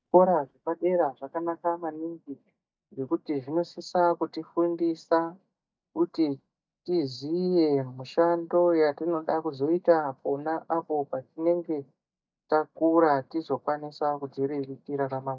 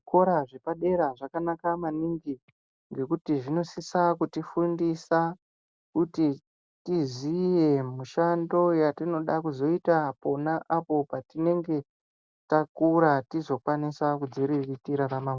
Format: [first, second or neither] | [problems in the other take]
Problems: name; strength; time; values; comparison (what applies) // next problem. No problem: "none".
second | noise reduction (neural mask model DeepFilterNet 3)